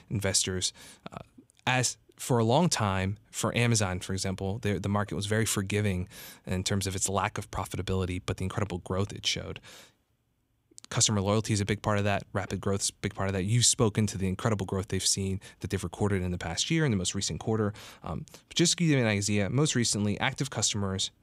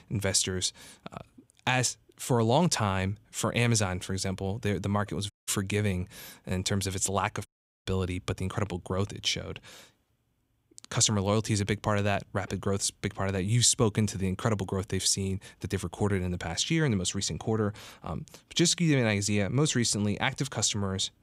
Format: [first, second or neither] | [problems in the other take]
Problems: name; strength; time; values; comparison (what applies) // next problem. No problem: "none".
first | audio cutting out; at 5.5 s and at 7.5 s